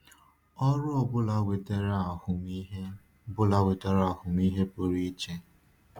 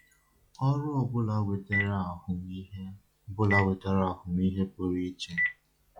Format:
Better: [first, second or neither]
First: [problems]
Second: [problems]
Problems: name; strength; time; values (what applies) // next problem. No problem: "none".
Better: first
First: none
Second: noise reduction (classical method log-MMSE)